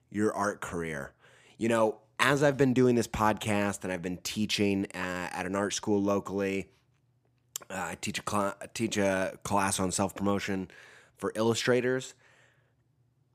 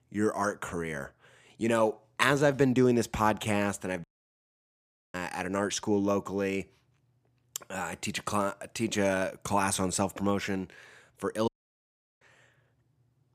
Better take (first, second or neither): first